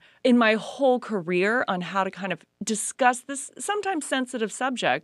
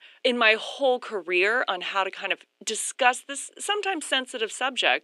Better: first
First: none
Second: thin; somewhat; fading below 350 Hz

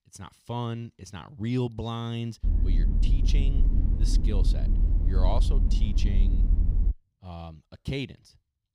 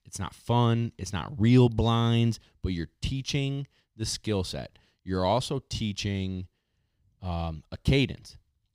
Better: second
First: low rumble; loud; from 2.5 to 7 s; 6 dB below the speech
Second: none

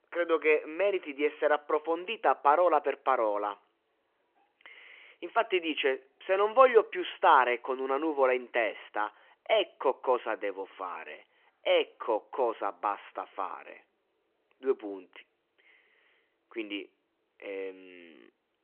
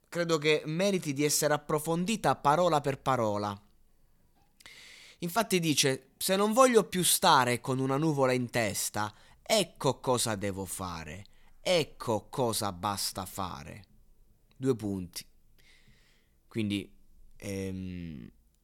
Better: second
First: phone-call audio; nothing above 3 kHz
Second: none

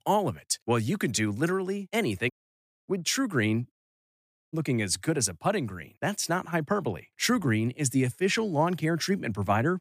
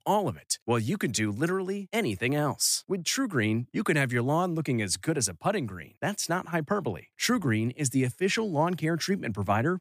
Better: second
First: audio cutting out; at 2.5 s for 0.5 s and at 3.5 s for 1 s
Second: none

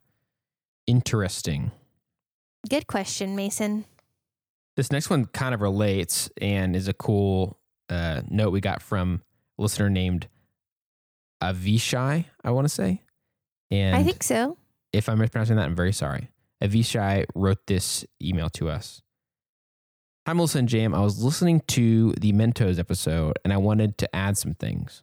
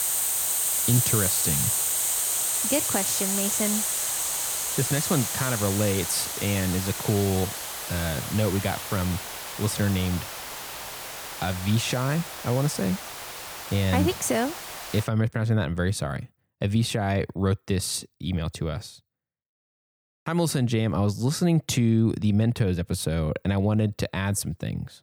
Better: first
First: none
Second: hiss; loud; until 15 s; as loud as the speech

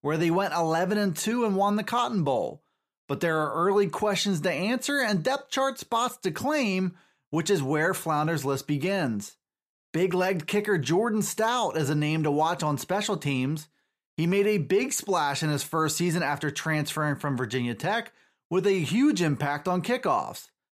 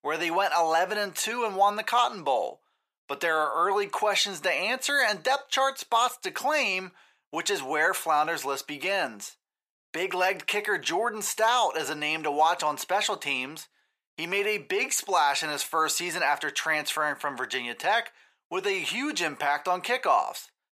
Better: first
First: none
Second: thin; very; fading below 600 Hz

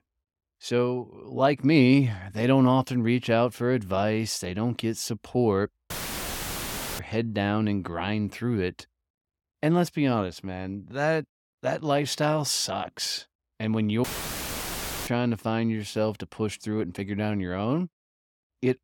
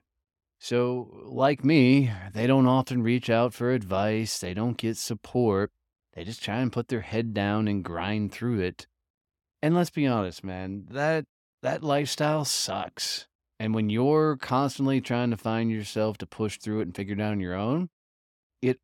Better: second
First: audio cutting out; filled with static; at 6 s for 1 s and at 14 s for 1 s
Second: none

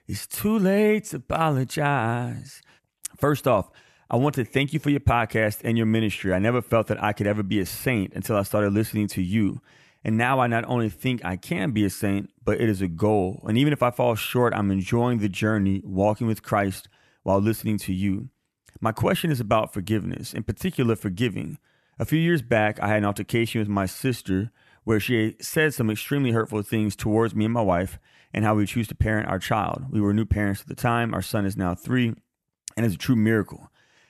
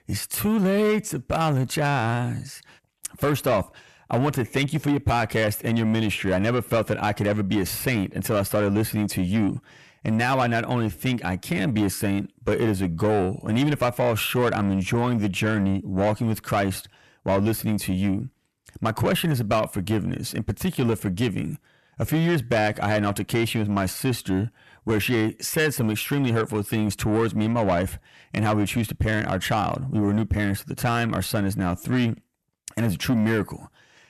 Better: first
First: none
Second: distortion; slight; 10 dB below the speech

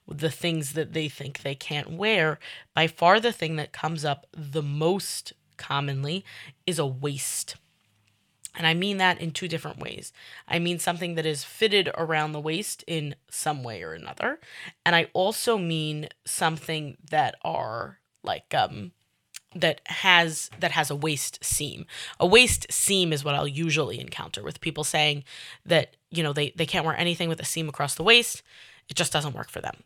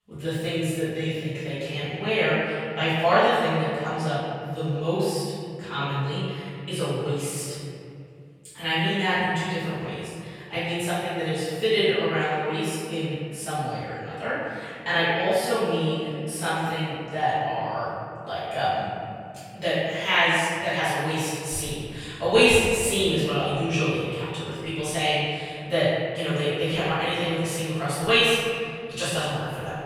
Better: first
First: none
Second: off-mic speech; far // room echo; strong; dies away in 2.4 s

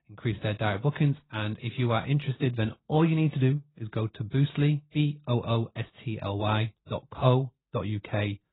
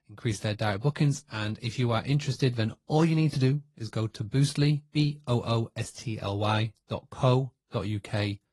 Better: second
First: garbled, watery; badly; nothing above 4 kHz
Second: garbled, watery; slightly; nothing above 11 kHz

